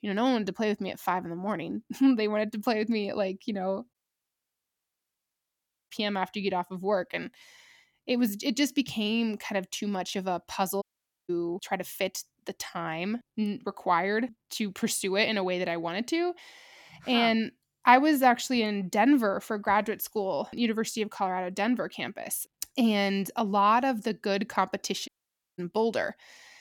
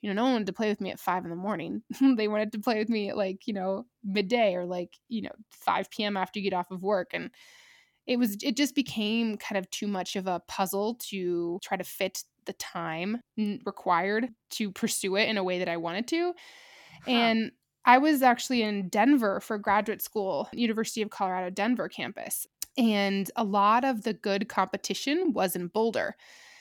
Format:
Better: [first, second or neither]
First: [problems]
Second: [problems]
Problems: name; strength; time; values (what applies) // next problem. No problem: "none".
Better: second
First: audio cutting out; at 4 s for 2 s, at 11 s and at 25 s for 0.5 s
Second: none